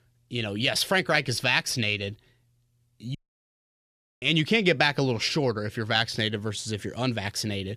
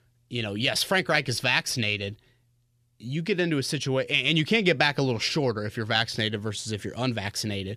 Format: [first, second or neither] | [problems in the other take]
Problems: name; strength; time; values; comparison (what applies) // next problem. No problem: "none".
second | audio cutting out; at 3 s for 1 s